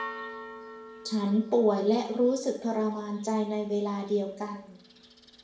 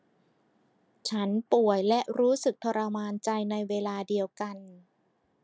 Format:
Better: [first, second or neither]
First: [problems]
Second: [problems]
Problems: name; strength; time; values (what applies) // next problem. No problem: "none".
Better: second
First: background sound (Church bell); 16 dB below the speech // room echo; dies away in 0.5 s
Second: none